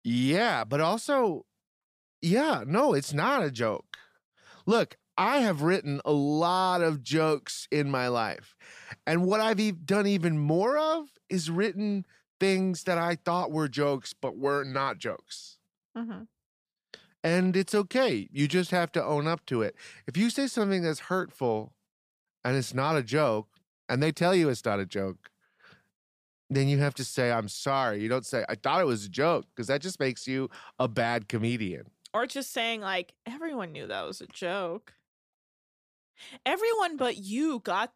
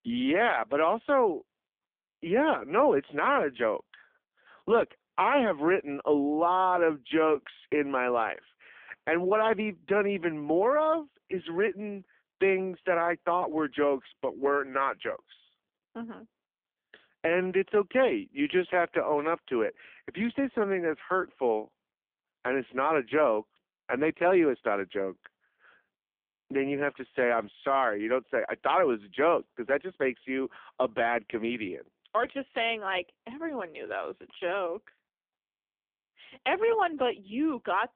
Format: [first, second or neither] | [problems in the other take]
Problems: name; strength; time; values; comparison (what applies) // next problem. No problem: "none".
first | phone-call audio; poor line; nothing above 3.5 kHz